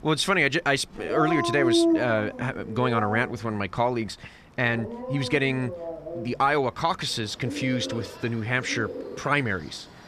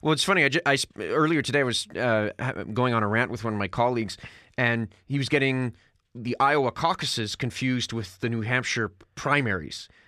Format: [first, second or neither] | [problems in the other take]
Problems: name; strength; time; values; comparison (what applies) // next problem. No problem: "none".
second | animal sounds; loud; throughout; 5 dB below the speech